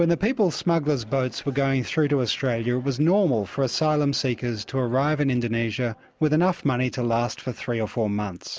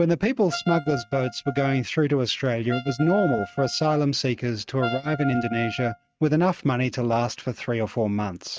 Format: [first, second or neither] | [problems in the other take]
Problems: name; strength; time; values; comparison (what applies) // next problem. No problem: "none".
first | noise reduction (neural mask model RNNoise)